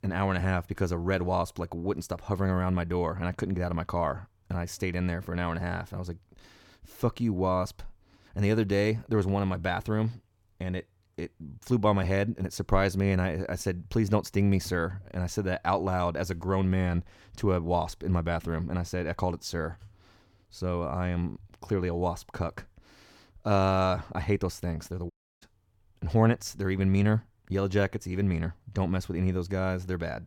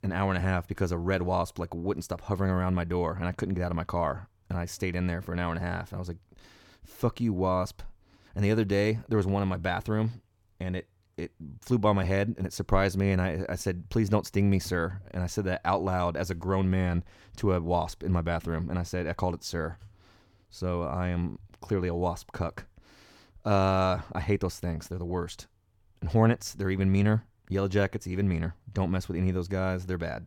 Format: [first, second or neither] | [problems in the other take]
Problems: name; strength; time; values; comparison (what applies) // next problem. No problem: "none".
second | audio cutting out; at 25 s